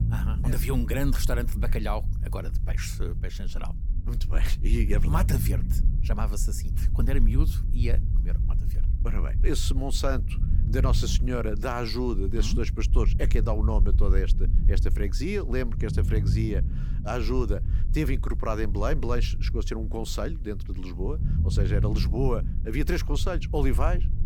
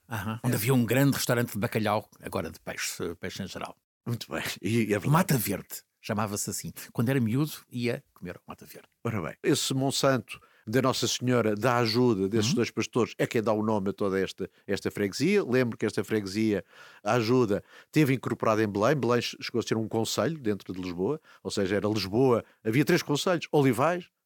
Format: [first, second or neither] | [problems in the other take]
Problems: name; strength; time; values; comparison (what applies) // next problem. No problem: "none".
second | low rumble; noticeable; throughout; 10 dB below the speech